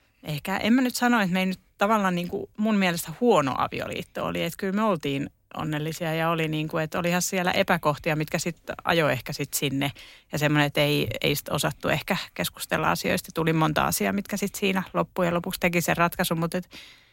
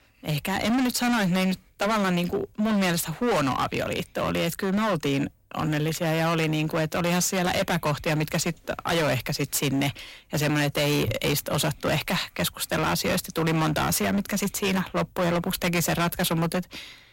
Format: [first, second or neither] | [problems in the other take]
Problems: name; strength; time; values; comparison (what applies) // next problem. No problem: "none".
first | distortion; heavy; 22% of the sound clipped